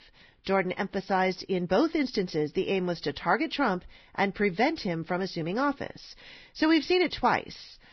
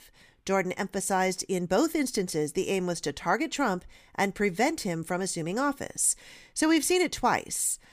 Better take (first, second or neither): second